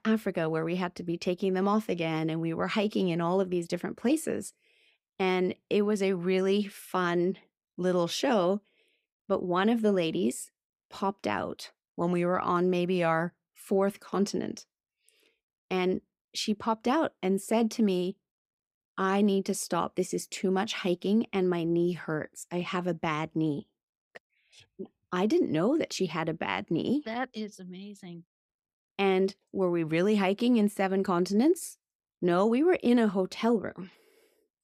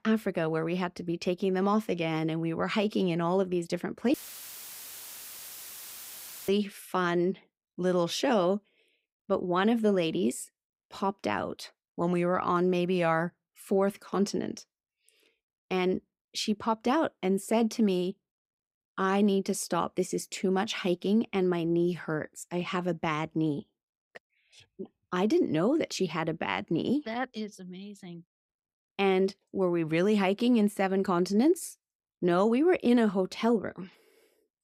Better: first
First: none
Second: audio cutting out; filled with static; at 4 s for 2.5 s

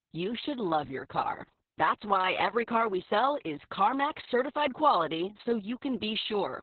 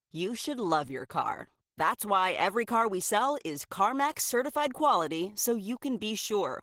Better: second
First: garbled, watery; badly; nothing above 4 kHz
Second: garbled, watery; slightly; nothing above 16 kHz

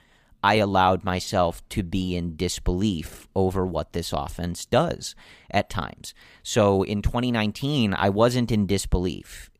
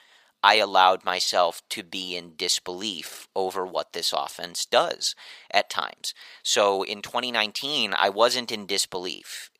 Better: first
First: none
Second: thin; very; fading below 600 Hz

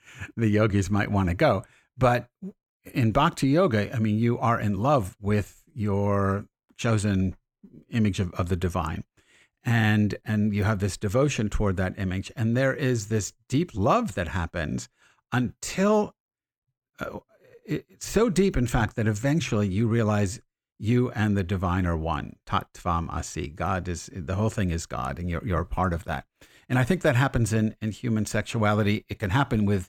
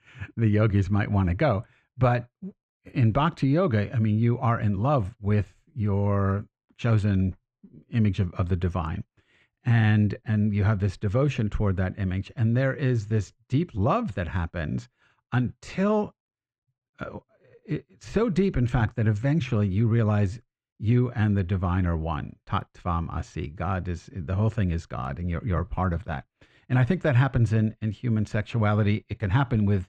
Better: first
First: none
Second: muffled; slightly; fading above 3.5 kHz

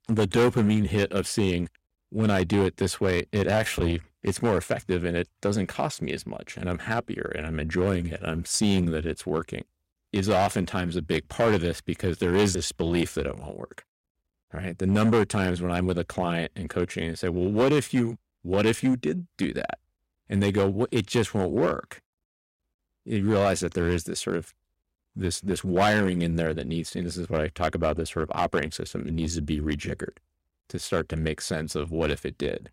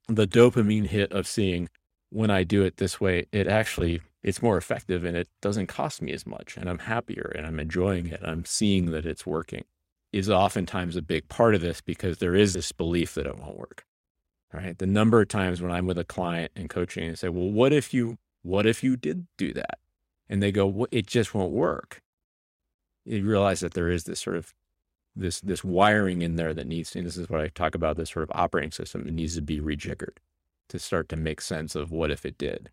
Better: second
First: distortion; slight; 4% of the sound clipped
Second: none

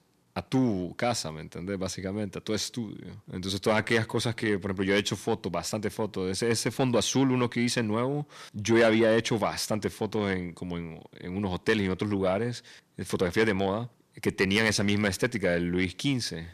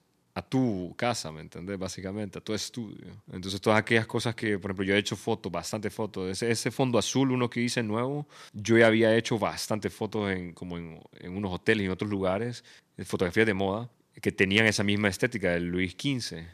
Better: second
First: distortion; slight; 10 dB below the speech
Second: none

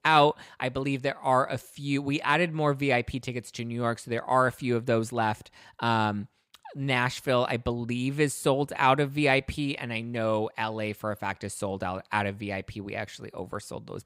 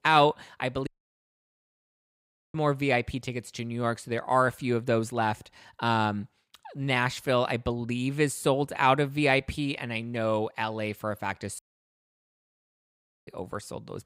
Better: first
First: none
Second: audio cutting out; at 1 s for 1.5 s and at 12 s for 1.5 s

